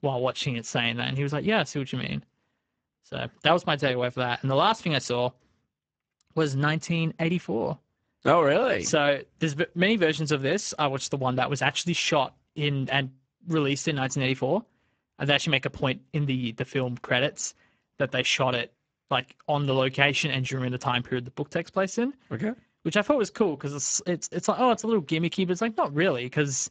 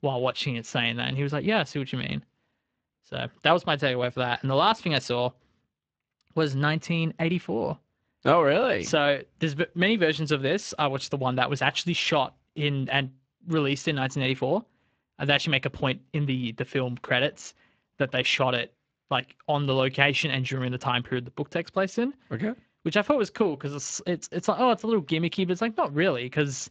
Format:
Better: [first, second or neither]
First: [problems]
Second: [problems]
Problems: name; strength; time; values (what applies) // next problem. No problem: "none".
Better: second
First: garbled, watery; badly; nothing above 7.5 kHz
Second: garbled, watery; slightly; nothing above 7.5 kHz